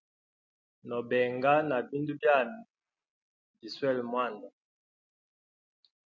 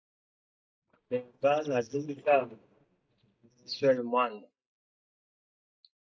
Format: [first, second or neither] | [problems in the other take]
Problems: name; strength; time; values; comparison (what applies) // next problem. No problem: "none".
first | noise reduction (neural mask model DeepFilterNet 3)